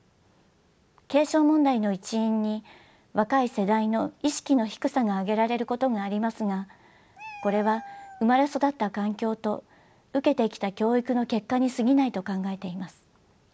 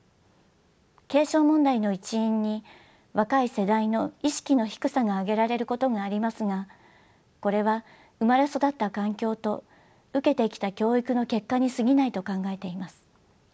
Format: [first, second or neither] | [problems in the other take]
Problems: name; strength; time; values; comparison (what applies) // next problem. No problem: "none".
second | background sound (Meow); 19 dB below the speech